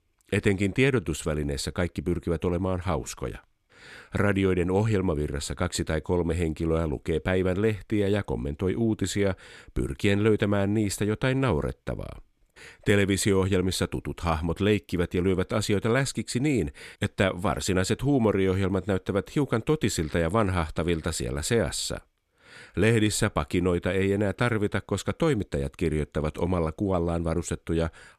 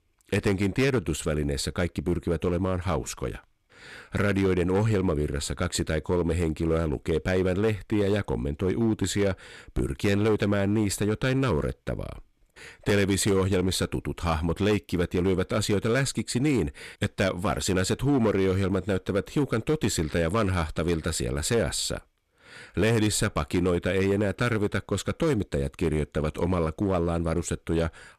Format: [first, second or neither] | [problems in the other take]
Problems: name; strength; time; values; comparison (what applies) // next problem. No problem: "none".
first | distortion; slight; 6% of the sound clipped